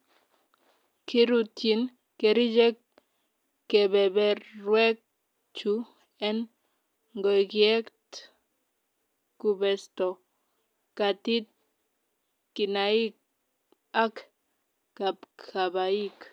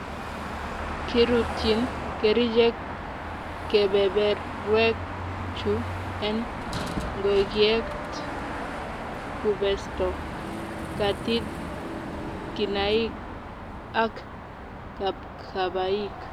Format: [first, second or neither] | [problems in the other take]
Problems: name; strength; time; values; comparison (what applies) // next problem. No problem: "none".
first | background sound (Car passing by / Traffic noise, roadway noise / Engine); 5 dB below the speech